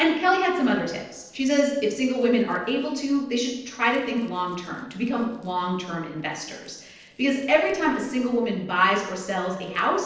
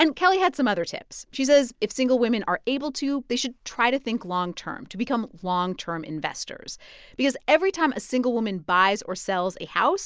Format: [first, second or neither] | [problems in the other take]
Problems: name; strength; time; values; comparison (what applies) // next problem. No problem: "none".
second | noise reduction (neural separator model SepFormer DNS4)